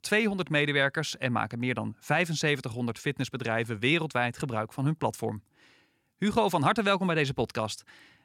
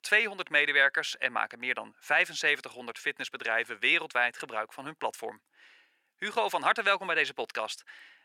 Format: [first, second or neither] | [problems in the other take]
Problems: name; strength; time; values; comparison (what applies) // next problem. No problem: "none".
first | thin; very; fading below 550 Hz